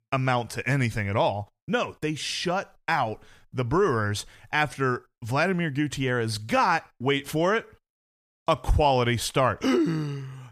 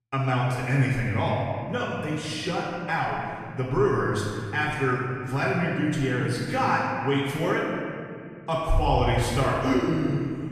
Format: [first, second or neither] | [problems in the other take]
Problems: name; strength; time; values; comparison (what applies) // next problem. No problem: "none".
first | off-mic speech; far // room echo; strong; dies away in 2.1 s